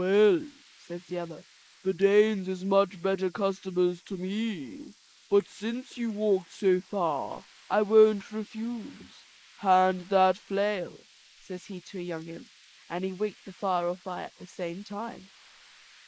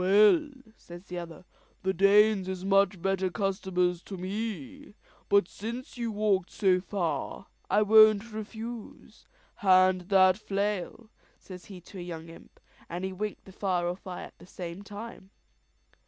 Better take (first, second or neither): second